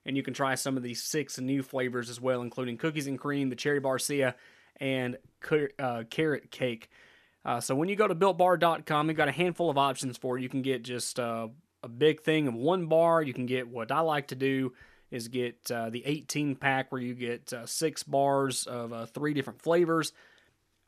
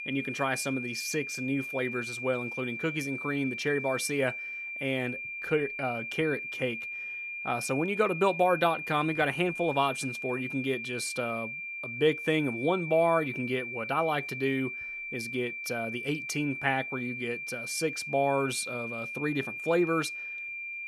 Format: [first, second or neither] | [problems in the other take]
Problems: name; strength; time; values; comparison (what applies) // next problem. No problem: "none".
first | high-pitched whine; loud; throughout; 2.5 kHz, 5 dB below the speech